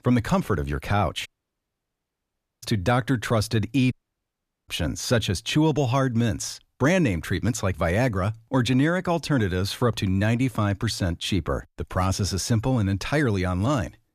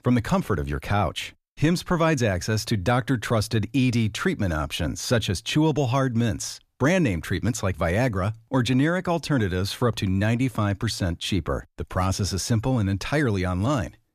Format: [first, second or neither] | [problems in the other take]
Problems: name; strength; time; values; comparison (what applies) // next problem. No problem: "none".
second | audio cutting out; at 1.5 s for 1.5 s and at 4 s for 1 s